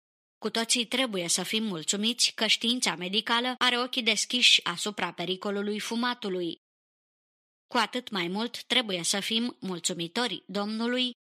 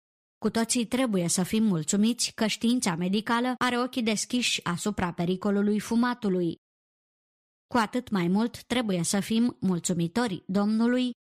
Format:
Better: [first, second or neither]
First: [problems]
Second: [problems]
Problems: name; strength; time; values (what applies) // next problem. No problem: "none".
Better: second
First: thin; very slightly; fading below 300 Hz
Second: none